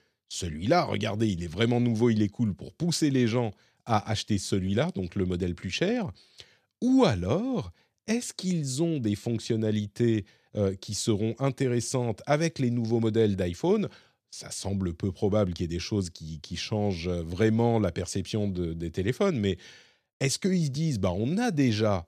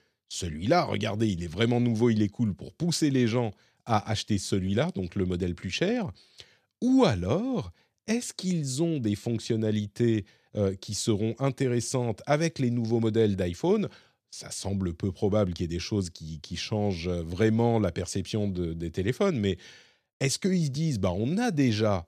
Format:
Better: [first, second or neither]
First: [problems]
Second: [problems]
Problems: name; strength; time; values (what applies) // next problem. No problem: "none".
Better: neither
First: none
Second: none